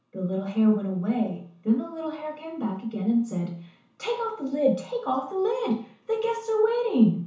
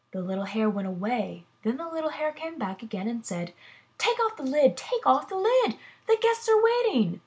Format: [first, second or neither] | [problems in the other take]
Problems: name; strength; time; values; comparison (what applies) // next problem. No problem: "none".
second | room echo; dies away in 0.9 s